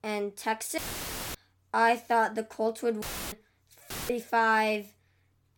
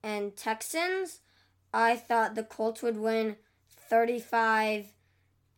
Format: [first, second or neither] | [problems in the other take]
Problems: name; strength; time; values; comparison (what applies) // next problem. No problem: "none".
second | audio cutting out; filled with static; at 1 s for 0.5 s, at 3 s and at 4 s